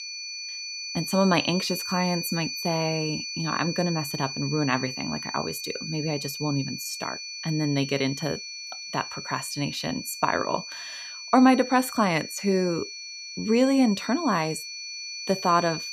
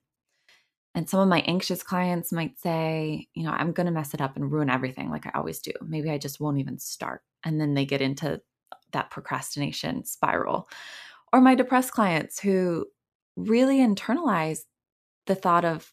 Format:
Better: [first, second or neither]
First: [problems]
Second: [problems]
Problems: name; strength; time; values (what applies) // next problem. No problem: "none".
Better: second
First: high-pitched whine; loud; throughout; 4.5 kHz, 7 dB below the speech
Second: none